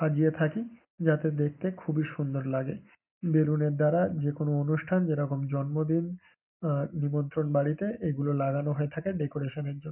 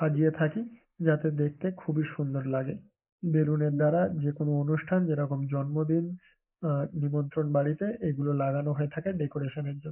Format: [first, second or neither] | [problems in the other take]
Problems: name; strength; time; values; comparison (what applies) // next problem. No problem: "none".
first | noise reduction (neural mask model Resemble Enhance denoiser)